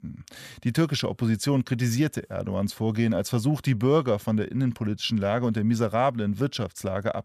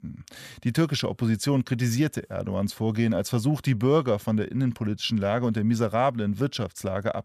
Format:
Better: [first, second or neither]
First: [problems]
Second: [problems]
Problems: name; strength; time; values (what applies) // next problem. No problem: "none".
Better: neither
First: none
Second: none